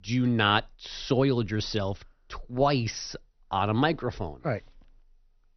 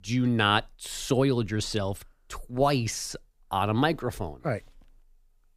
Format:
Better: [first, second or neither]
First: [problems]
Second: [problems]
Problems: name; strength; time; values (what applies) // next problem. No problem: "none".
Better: second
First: garbled, watery; slightly; nothing above 6 kHz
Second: none